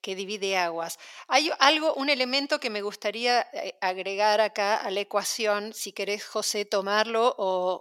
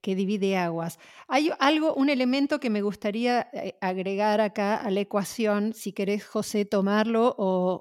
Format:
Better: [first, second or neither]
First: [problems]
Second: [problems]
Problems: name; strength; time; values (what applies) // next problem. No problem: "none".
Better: second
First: thin; somewhat; fading below 550 Hz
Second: none